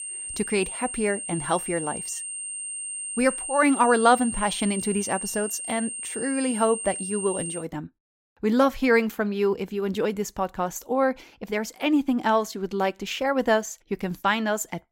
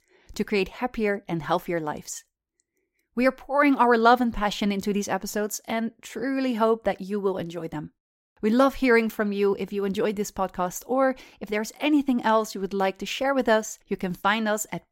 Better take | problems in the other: second | high-pitched whine; loud; until 7.5 s; 8.5 kHz, 6 dB below the speech

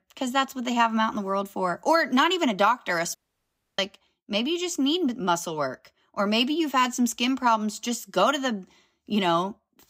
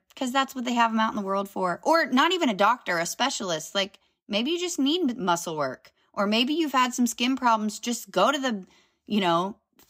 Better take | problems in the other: second | audio cutting out; at 3 s for 0.5 s

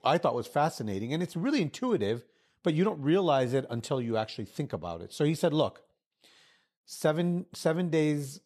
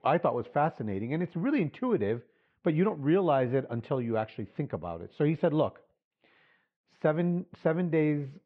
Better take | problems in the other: first | muffled; very; fading above 2.5 kHz

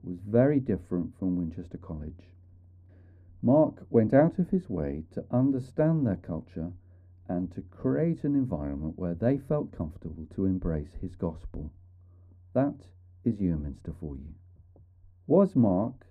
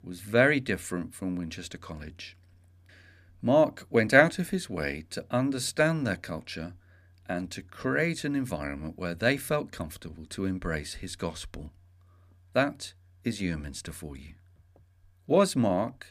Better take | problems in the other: second | muffled; very; fading above 1 kHz

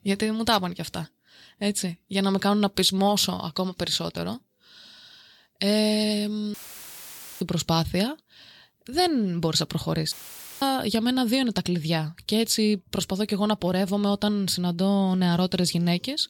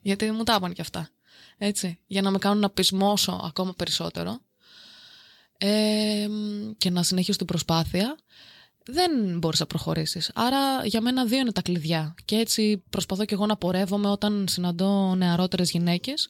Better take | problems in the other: second | audio cutting out; filled with static; at 6.5 s for 1 s and at 10 s for 0.5 s

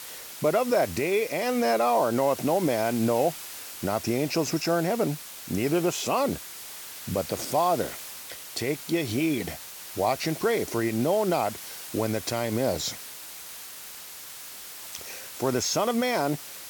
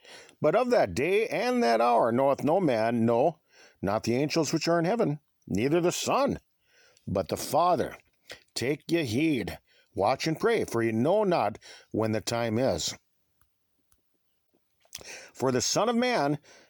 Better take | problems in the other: second | hiss; noticeable; throughout; 10 dB below the speech

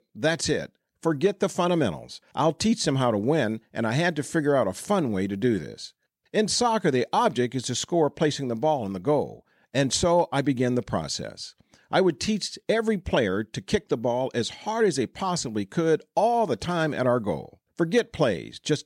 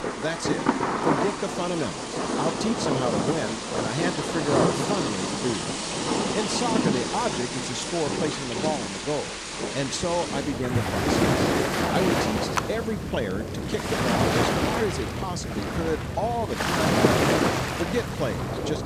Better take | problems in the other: first | rain or running water; very loud; throughout; 4 dB above the speech

